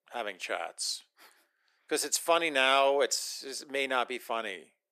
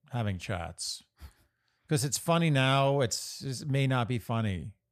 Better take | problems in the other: second | thin; very; fading below 350 Hz

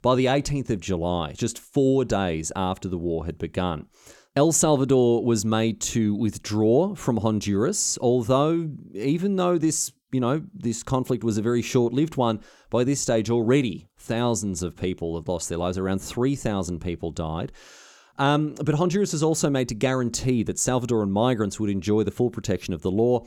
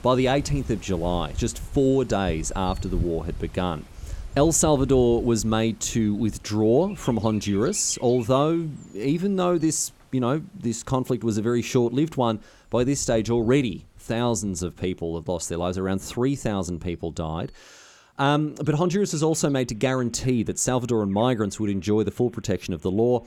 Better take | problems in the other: first | animal sounds; noticeable; throughout; 15 dB below the speech

